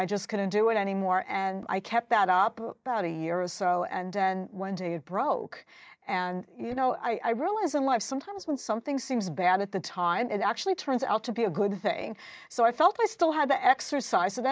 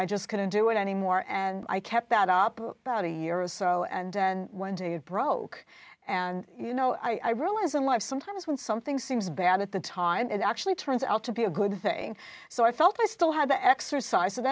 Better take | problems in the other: second | noise reduction (neural mask model DeepFilterNet 3)

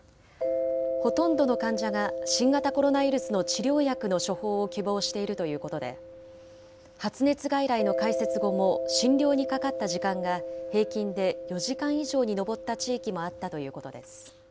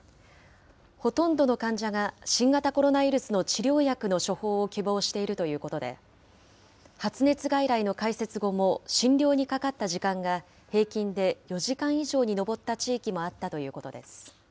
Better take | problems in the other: second | background sound (Mallet percussion); 5 dB below the speech

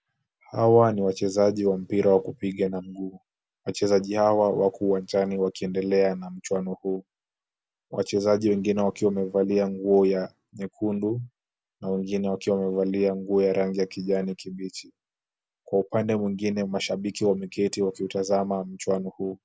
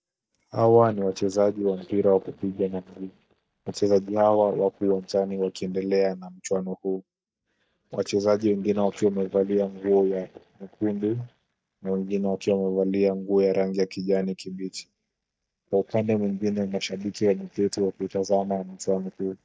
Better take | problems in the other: first | noise reduction (neural mask model DeepFilterNet 3)

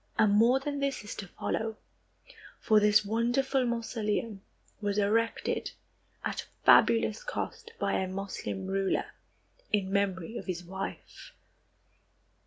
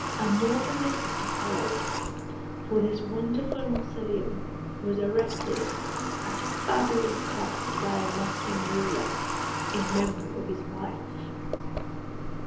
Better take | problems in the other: first | background sound (Water tap, faucet / Water); 1 dB below the speech // room echo; dies away in 0.8 s

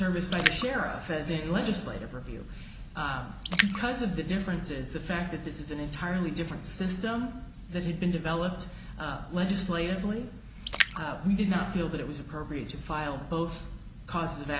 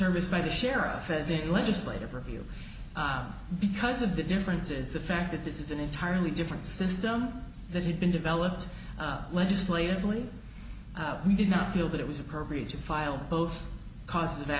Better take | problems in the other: second | background sound (Splash, splatter); 4 dB below the speech

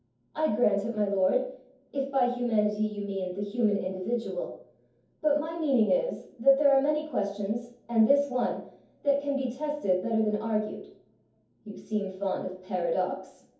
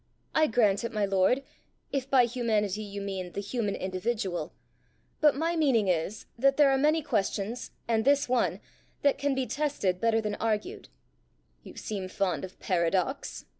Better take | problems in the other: second | room echo; dies away in 0.6 s

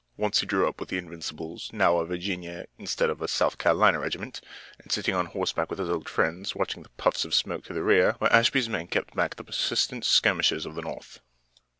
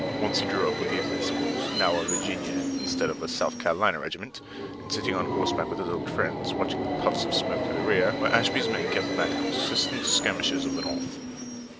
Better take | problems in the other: first | background sound (Subway, metro, underground); as loud as the speech

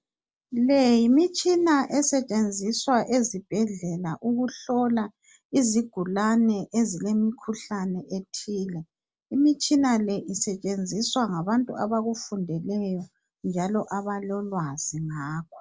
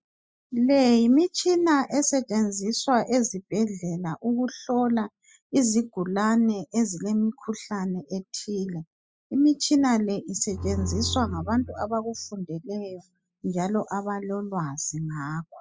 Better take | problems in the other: first | noise reduction (classical method spectral subtraction)

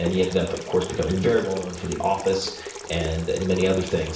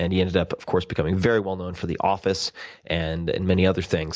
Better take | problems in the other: second | background sound (Sink (filling or washing) / Water tap, faucet); 12 dB below the speech // room echo; dies away in 0.6 s

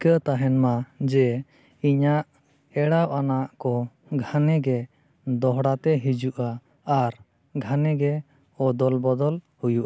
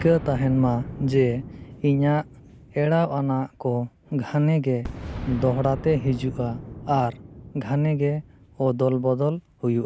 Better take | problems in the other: first | background sound (Boom); 14 dB below the speech

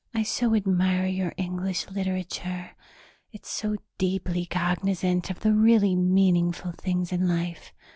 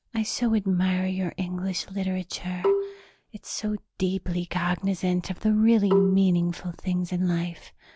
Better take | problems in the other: first | background sound (Marimba, xylophone); 2 dB below the speech

